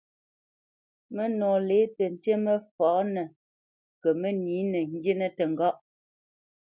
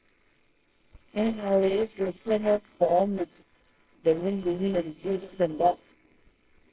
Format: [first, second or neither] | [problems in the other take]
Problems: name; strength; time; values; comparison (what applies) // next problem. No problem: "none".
first | noise reduction (neural separator model SepFormer WHAMR!)